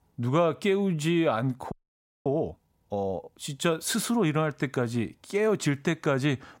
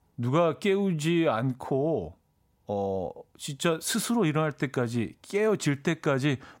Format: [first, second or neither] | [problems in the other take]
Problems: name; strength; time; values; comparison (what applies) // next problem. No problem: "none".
second | audio freezing; at 1.5 s for 0.5 s